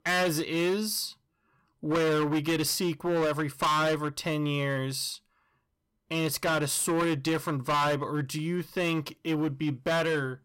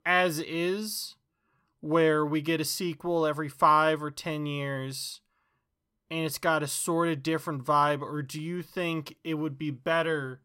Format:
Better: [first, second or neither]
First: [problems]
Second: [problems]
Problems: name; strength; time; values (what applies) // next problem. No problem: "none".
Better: second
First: distortion; heavy; 14% of the sound clipped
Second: none